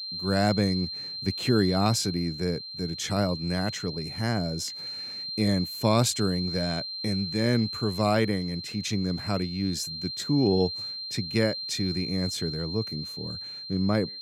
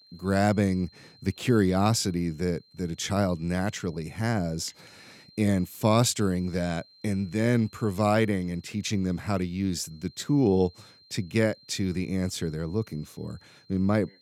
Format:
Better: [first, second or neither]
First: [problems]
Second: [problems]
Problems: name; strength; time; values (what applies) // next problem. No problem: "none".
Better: second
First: high-pitched whine; loud; throughout; 4 kHz, 6 dB below the speech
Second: high-pitched whine; faint; throughout; 4 kHz, 30 dB below the speech